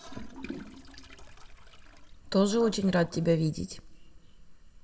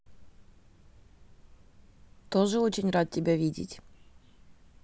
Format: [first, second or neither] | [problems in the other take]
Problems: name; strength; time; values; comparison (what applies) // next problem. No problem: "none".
second | noise reduction (neural separator model SepFormer DNS4)